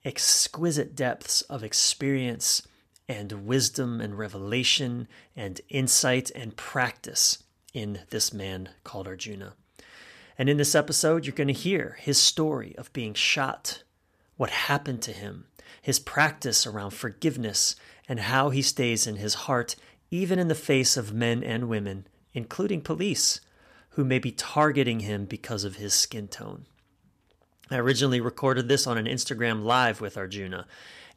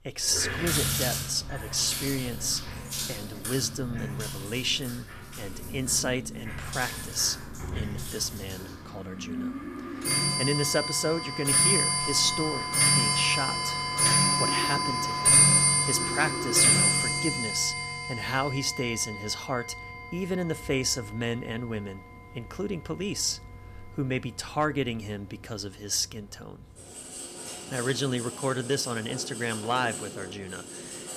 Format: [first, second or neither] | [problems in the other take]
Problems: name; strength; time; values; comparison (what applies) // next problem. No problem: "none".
first | household noises; very loud; throughout; 5 dB above the speech